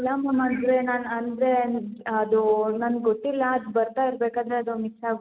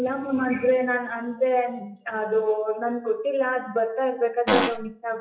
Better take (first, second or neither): first